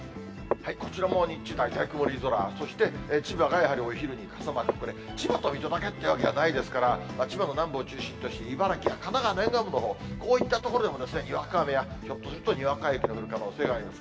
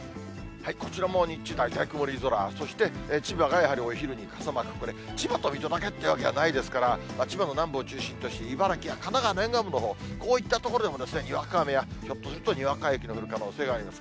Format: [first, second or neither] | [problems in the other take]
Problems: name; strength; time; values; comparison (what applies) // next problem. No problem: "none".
second | background sound (Walk, footsteps); 11 dB below the speech // room echo; dies away in 0.7 s